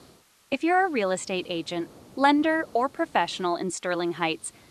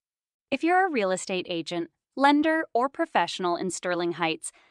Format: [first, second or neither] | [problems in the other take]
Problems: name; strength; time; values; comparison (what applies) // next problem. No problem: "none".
second | hiss; faint; throughout; 25 dB below the speech